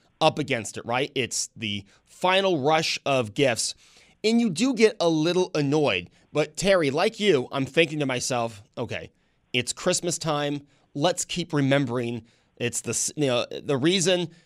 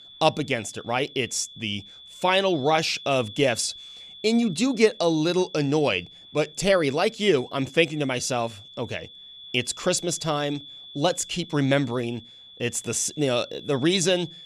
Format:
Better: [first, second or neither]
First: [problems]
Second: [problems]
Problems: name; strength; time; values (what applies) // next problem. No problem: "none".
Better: first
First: none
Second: high-pitched whine; noticeable; throughout; 3.5 kHz, 20 dB below the speech